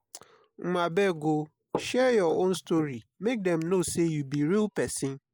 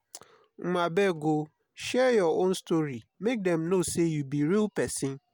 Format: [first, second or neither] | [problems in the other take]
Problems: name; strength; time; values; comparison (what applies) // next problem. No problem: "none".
second | noise reduction (neural mask model Resemble Enhance denoiser)